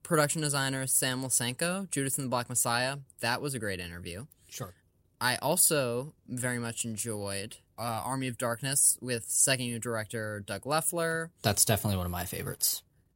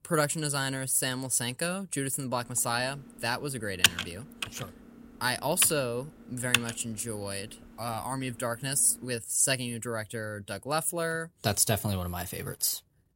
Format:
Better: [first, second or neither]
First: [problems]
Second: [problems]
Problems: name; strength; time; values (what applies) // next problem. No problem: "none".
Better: first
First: none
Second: keyboard typing; loud; from 4 to 6.5 s; peak 5 dB above the speech